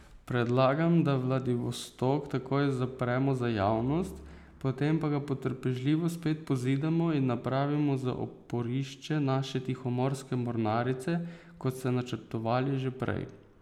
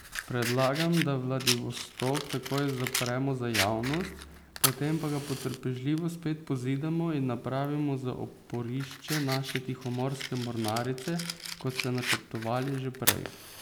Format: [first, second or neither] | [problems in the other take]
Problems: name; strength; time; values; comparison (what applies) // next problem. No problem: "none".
first | background sound (Fire); 6 dB below the speech